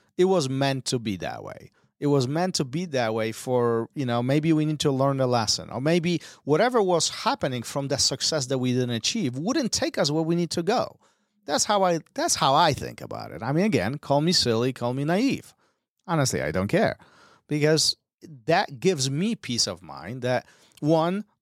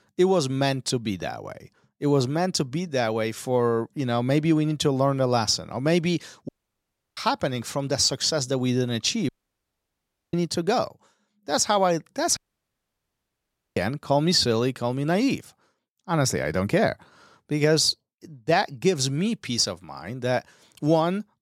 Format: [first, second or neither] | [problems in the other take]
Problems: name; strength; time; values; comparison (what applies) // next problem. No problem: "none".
first | audio cutting out; at 6.5 s for 0.5 s, at 9.5 s for 1 s and at 12 s for 1.5 s